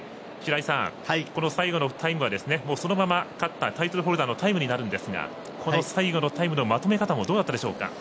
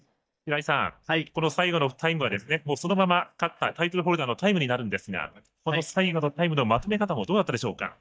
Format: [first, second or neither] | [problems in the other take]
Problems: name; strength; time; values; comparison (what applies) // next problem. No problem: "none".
first | noise reduction (neural mask model DeepFilterNet 3)